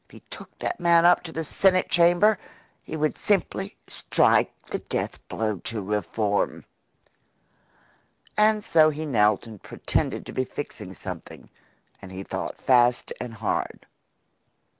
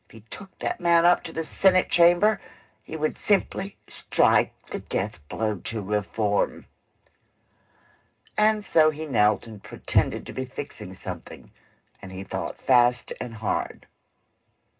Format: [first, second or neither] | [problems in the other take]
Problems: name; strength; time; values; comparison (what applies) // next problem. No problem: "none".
first | room echo; dies away in 0.2 s